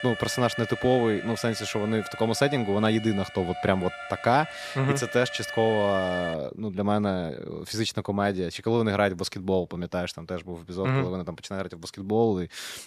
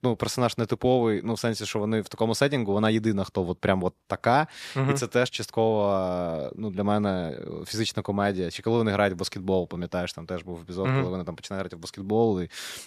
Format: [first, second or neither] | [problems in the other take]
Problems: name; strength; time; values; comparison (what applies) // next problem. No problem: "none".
second | alarm; noticeable; until 6.5 s; peak 6 dB below the speech